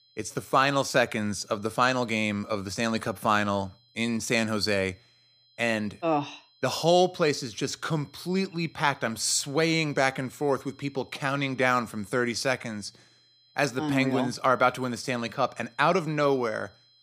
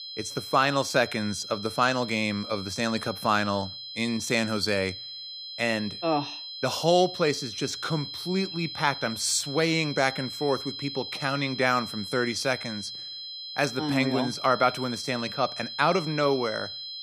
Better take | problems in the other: first | high-pitched whine; loud; throughout; 4 kHz, 9 dB below the speech; faint in the first

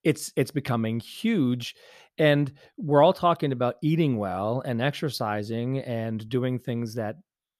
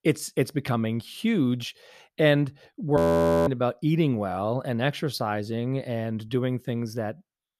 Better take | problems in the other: first | audio freezing; at 3 s for 0.5 s

